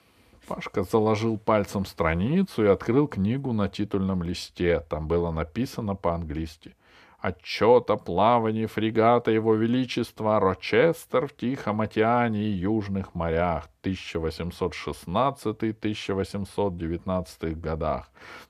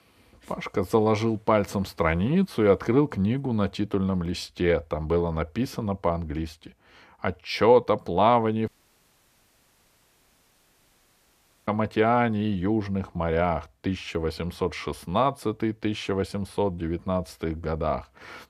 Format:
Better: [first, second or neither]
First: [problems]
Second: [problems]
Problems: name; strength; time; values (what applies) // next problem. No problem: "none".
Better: first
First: none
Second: audio cutting out; at 8.5 s for 3 s